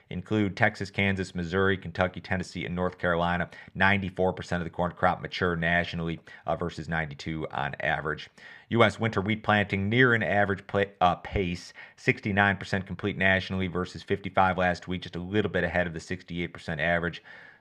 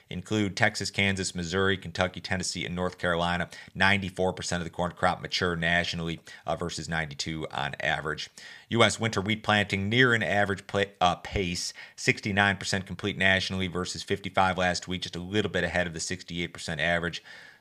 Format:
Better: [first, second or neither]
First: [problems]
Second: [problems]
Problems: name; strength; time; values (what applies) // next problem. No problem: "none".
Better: second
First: muffled; slightly; fading above 3.5 kHz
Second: none